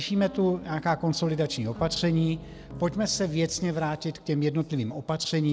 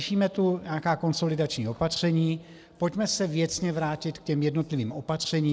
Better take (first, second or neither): second